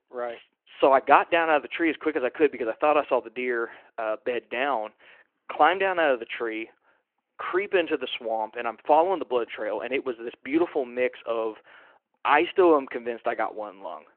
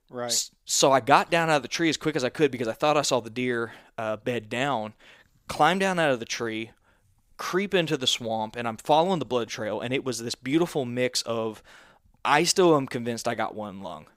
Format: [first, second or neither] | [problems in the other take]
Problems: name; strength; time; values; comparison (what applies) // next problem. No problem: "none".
second | phone-call audio